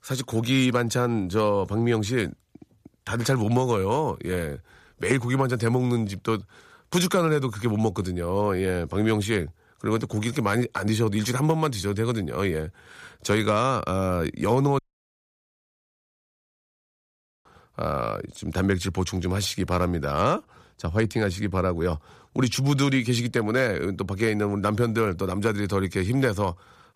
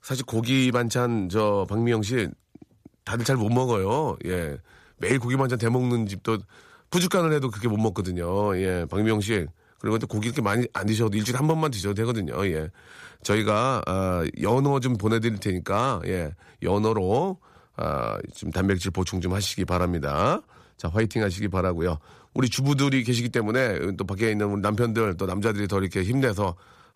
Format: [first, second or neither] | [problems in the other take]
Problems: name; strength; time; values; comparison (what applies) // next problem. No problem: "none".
second | audio cutting out; at 15 s for 2.5 s